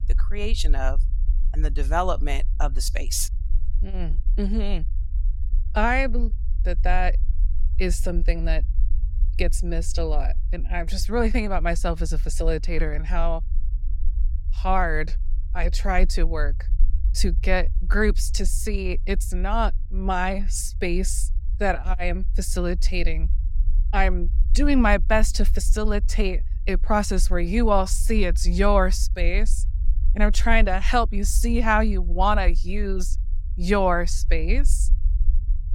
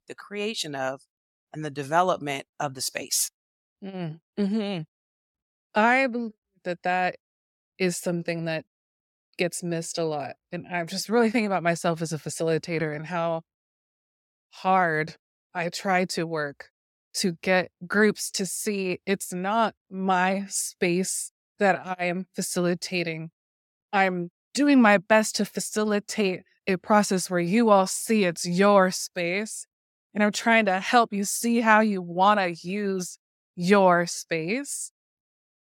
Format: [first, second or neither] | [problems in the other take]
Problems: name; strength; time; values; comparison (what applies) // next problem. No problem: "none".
second | low rumble; faint; throughout; 25 dB below the speech